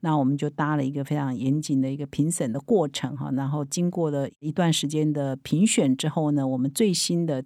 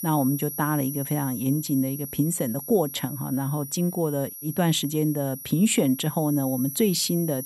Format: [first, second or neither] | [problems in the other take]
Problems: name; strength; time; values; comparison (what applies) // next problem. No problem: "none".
first | high-pitched whine; loud; throughout; 11.5 kHz, 9 dB below the speech